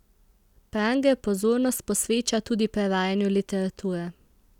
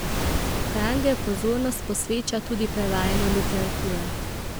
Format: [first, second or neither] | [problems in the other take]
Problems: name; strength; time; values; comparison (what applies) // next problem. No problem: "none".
first | background sound (Waves, surf); as loud as the speech